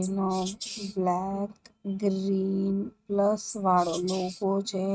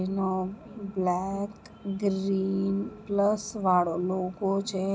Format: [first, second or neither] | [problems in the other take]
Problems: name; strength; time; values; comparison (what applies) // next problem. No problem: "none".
second | noise reduction (neural mask model RNNoise)